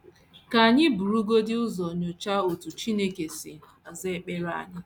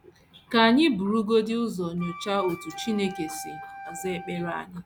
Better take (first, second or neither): first